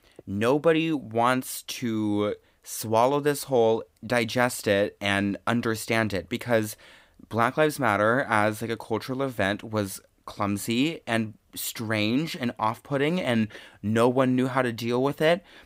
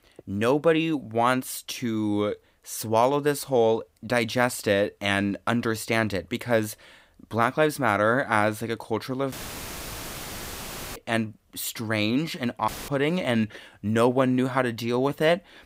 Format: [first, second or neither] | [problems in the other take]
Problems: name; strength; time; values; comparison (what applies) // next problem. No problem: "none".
first | audio cutting out; filled with static; at 9.5 s for 1.5 s and at 13 s